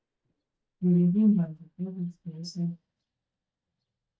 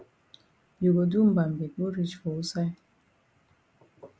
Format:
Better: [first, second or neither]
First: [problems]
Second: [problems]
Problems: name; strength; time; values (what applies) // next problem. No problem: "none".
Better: second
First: noise reduction (neural mask model DeepFilterNet 3)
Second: none